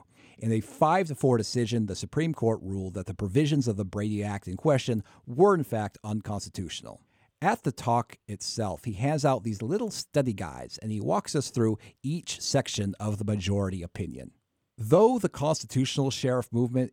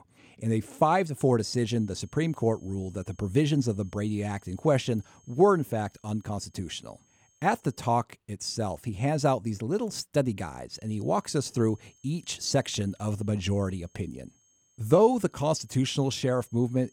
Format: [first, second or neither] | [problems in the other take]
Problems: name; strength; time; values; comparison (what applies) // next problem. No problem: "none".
first | high-pitched whine; faint; from 1.5 to 8 s and from 11 s on; 6.5 kHz, 35 dB below the speech